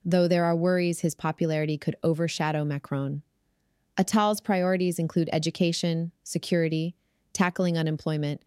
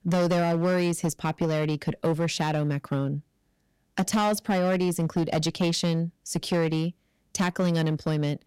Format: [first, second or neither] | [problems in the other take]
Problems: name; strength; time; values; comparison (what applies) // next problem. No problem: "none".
first | distortion; slight; 10% of the sound clipped